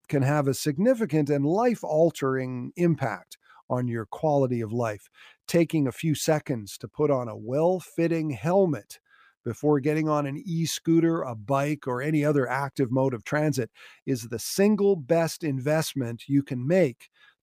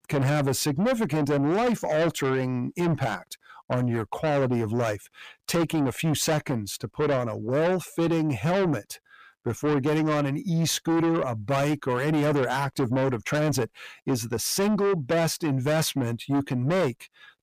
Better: first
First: none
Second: distortion; heavy; 6 dB below the speech

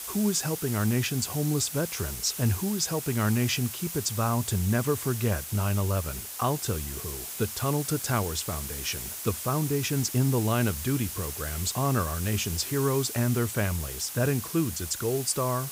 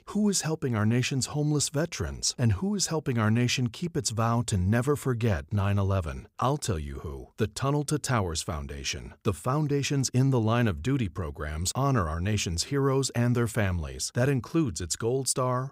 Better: second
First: hiss; loud; throughout; 6 dB below the speech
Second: none

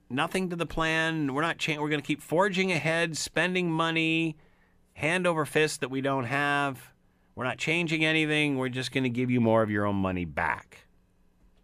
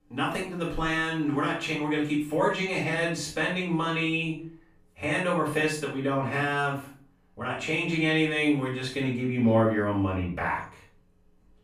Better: first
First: none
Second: room echo; noticeable; dies away in 0.4 s // off-mic speech; far

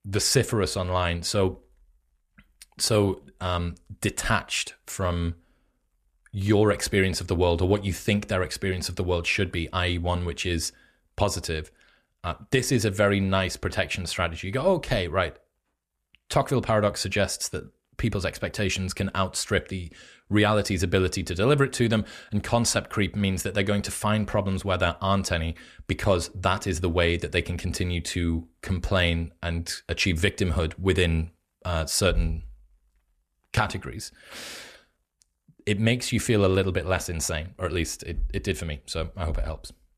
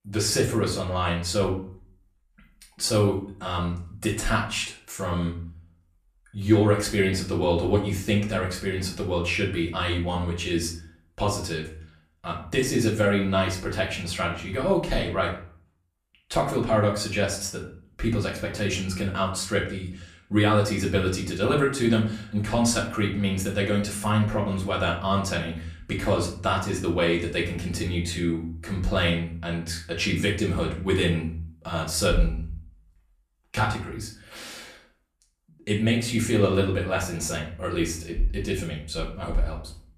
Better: first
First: none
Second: room echo; slight; dies away in 0.4 s // off-mic speech; far

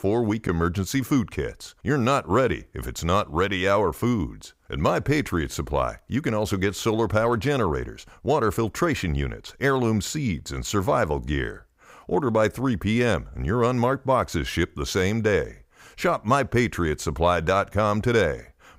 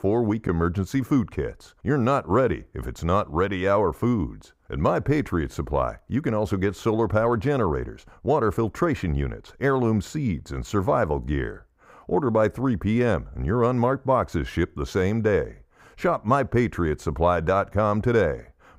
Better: first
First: none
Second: muffled; slightly; fading above 2 kHz

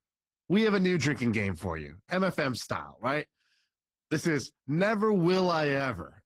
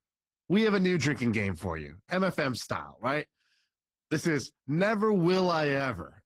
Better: neither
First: garbled, watery; slightly; nothing above 15.5 kHz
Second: garbled, watery; slightly; nothing above 15.5 kHz

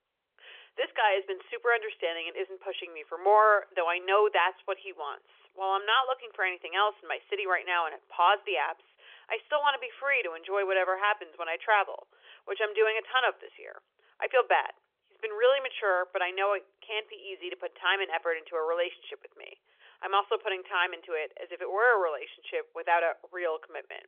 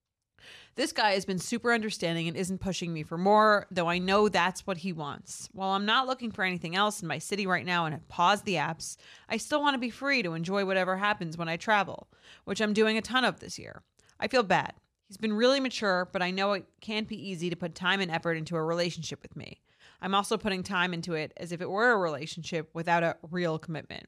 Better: second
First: phone-call audio; nothing above 3.5 kHz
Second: none

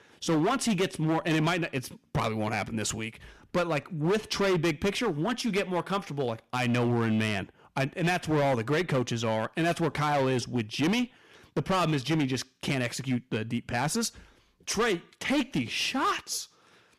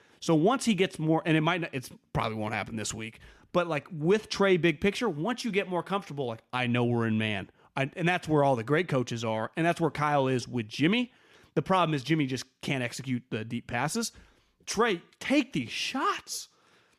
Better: second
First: distortion; heavy; 12% of the sound clipped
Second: none

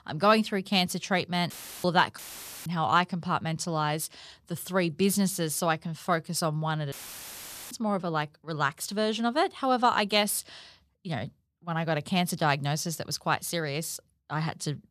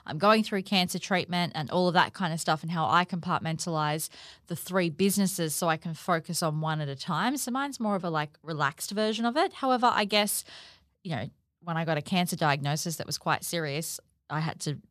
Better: second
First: audio cutting out; filled with static; at 1.5 s, at 2 s and at 7 s for 1 s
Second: none

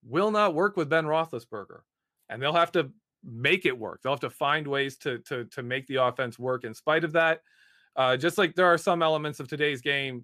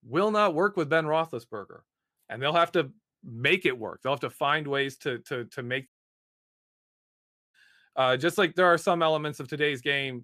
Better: first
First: none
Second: audio cutting out; at 6 s for 1.5 s

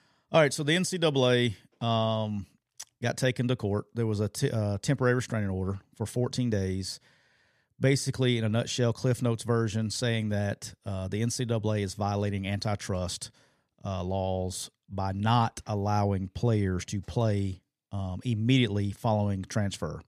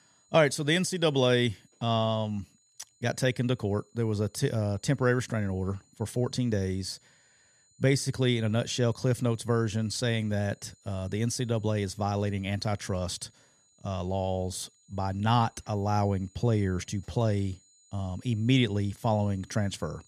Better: first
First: none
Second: high-pitched whine; faint; throughout; 7 kHz, 30 dB below the speech

